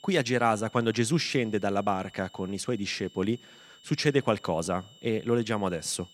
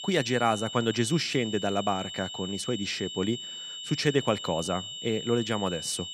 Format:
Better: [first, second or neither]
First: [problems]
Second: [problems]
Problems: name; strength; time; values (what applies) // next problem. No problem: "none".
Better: first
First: high-pitched whine; faint; throughout; 3 kHz, 25 dB below the speech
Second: high-pitched whine; loud; throughout; 3 kHz, 7 dB below the speech